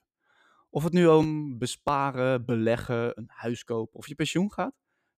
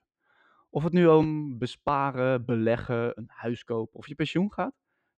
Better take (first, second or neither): first